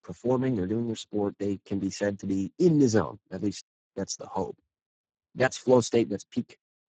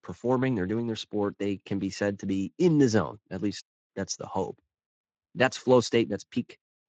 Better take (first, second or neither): second